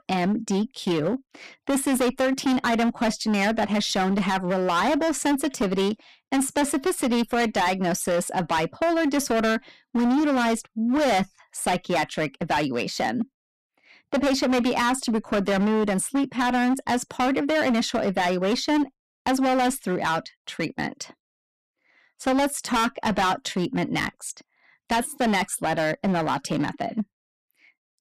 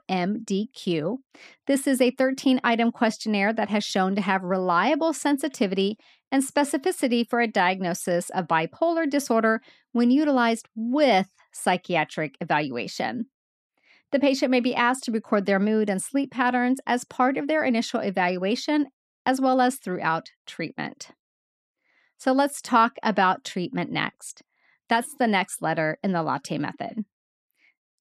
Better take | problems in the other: second | distortion; heavy; 17% of the sound clipped

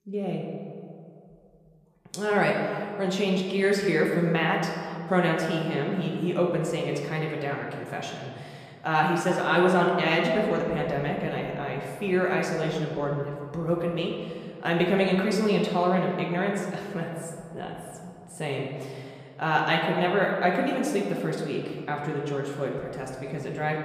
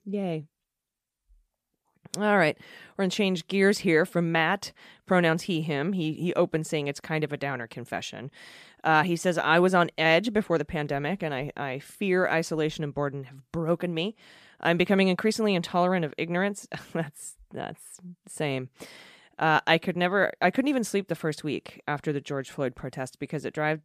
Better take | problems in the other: second | room echo; noticeable; dies away in 2.1 s // off-mic speech; somewhat distant

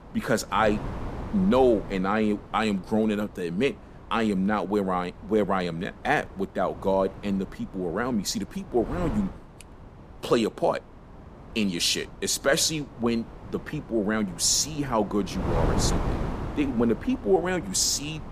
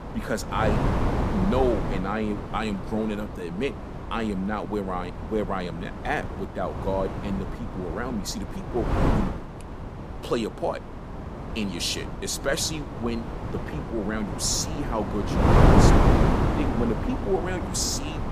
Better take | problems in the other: first | wind noise on the microphone; heavy; 1 dB below the speech; occasional gusts in the first

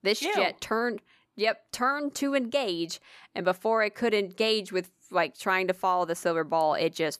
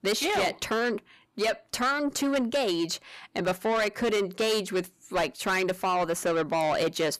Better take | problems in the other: first | distortion; heavy; 8 dB below the speech

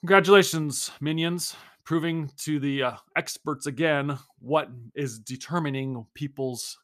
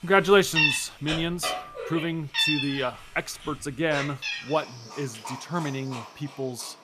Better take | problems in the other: first | animal sounds; loud; throughout; 1 dB below the speech

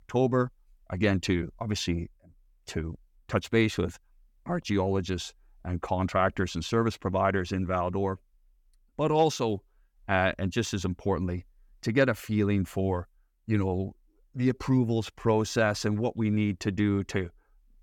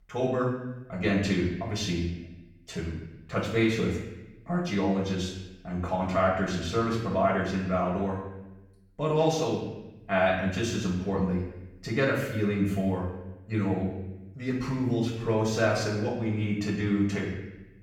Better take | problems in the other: first | off-mic speech; far // room echo; noticeable; dies away in 0.9 s

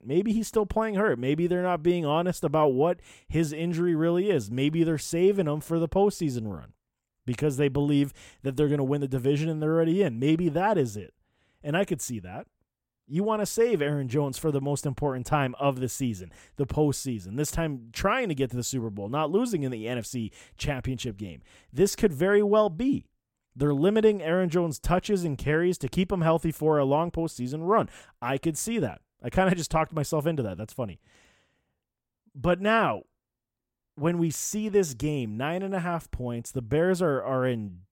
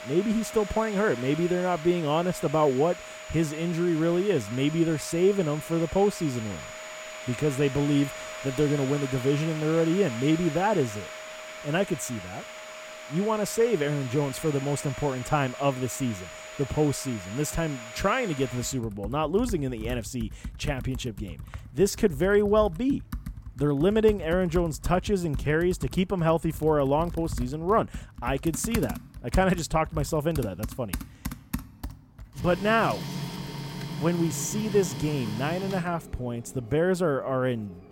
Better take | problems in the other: first | household noises; noticeable; throughout; 10 dB below the speech

